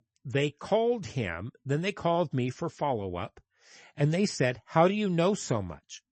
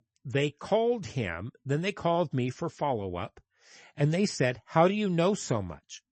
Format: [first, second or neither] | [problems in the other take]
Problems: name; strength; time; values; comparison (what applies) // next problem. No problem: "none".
neither | garbled, watery; slightly; nothing above 8 kHz; the same in both